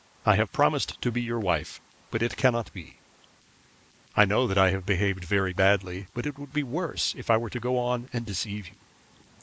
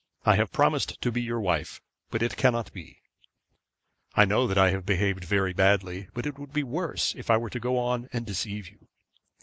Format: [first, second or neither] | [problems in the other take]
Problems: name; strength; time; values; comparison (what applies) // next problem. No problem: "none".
second | noise reduction (neural mask model Resemble Enhance denoiser)